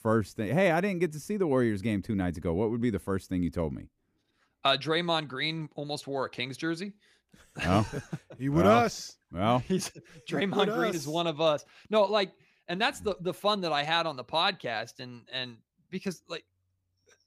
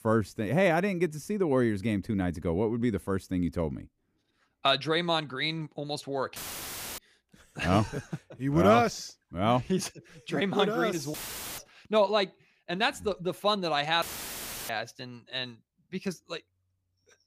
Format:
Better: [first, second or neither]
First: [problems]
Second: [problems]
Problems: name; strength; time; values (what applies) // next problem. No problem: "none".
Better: first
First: none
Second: audio cutting out; filled with static; at 6.5 s for 0.5 s, at 11 s and at 14 s for 0.5 s